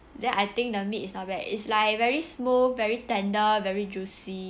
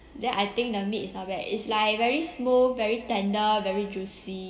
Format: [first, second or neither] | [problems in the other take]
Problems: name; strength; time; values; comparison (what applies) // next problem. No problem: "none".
first | room echo; dies away in 2.7 s